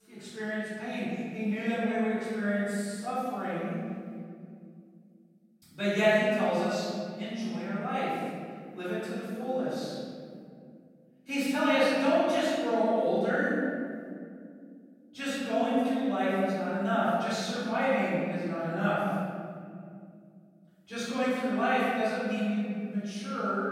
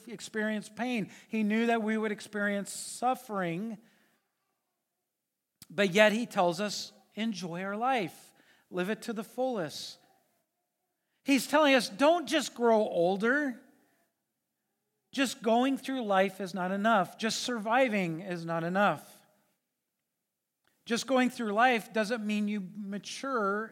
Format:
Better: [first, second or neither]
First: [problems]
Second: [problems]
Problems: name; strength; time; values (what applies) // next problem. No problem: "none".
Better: second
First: off-mic speech; far // room echo; strong; dies away in 2.5 s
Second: none